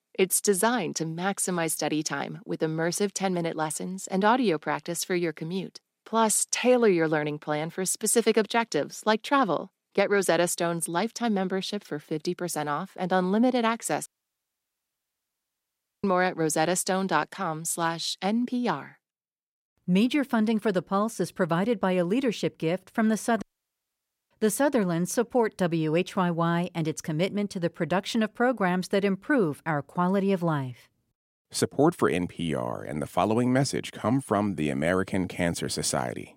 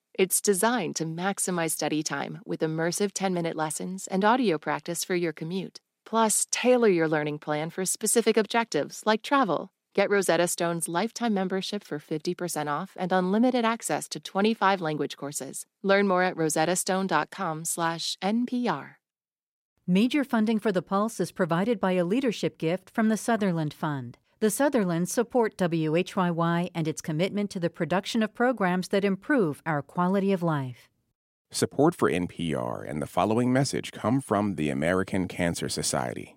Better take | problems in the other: second | audio cutting out; at 14 s for 2 s and at 23 s for 1 s

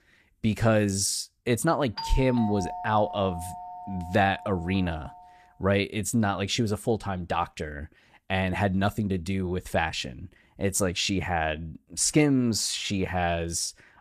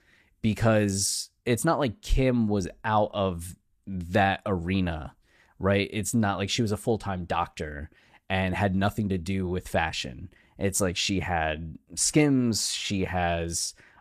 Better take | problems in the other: second | doorbell; noticeable; from 2 to 5.5 s; peak 8 dB below the speech

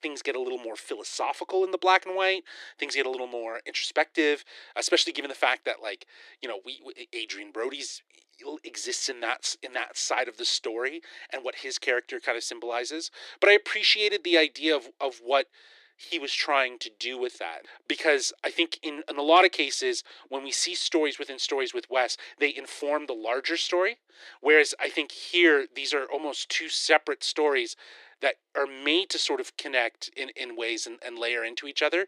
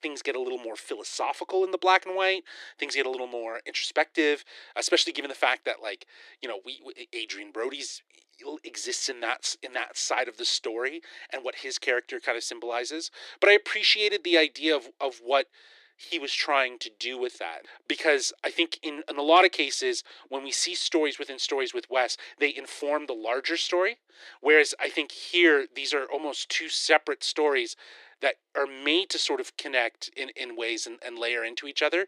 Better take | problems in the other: neither | thin; very; fading below 350 Hz; the same in both

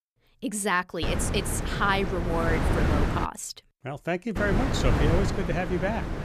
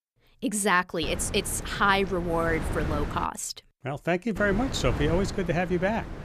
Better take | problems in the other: second | wind noise on the microphone; heavy; from 1 to 3.5 s and from 4.5 s on; 4 dB below the speech; occasional gusts in the second

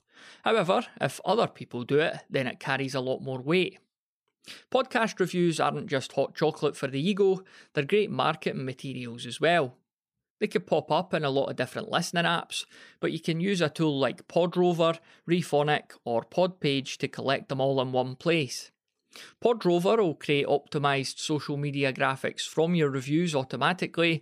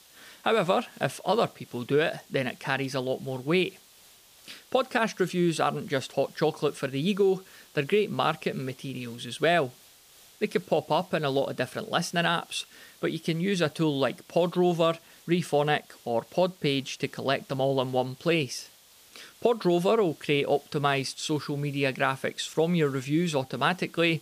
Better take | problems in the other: first | hiss; faint; throughout; 25 dB below the speech

